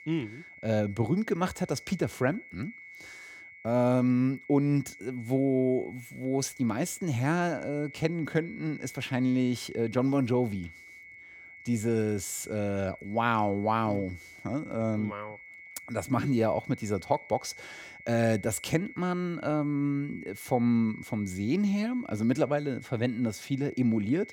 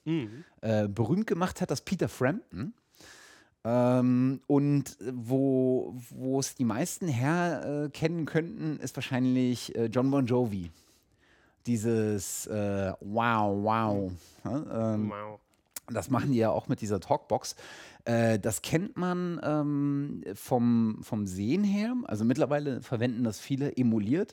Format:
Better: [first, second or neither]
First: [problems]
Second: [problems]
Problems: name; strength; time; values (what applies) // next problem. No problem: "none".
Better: second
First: high-pitched whine; noticeable; throughout; 2 kHz, 20 dB below the speech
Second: none